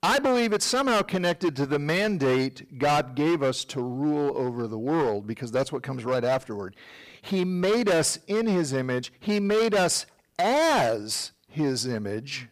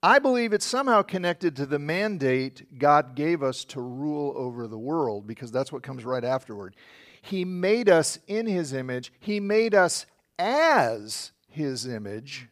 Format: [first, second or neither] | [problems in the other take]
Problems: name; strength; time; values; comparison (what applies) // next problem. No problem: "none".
second | distortion; heavy; 14% of the sound clipped